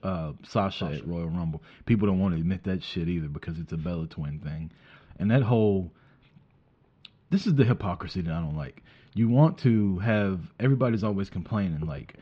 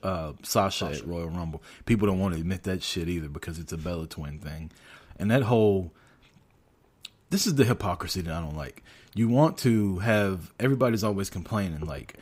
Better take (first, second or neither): second